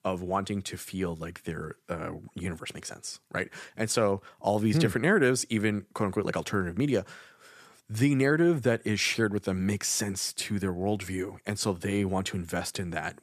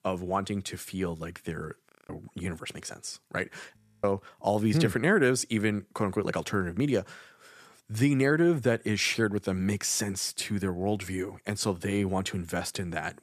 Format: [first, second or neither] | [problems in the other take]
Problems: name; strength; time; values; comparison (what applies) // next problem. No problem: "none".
first | audio freezing; at 2 s and at 4 s